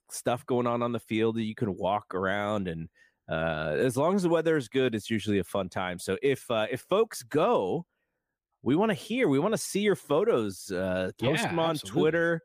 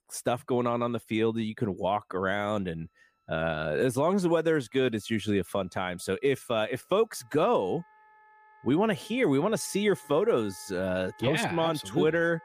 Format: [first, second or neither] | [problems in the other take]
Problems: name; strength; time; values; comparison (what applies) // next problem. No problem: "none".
first | background music; faint; throughout; 25 dB below the speech